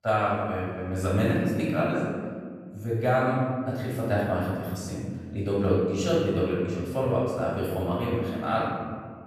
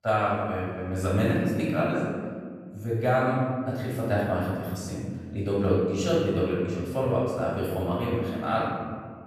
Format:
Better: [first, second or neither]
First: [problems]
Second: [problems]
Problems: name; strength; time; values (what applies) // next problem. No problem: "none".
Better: neither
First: room echo; strong; dies away in 1.7 s // off-mic speech; far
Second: room echo; strong; dies away in 1.7 s // off-mic speech; far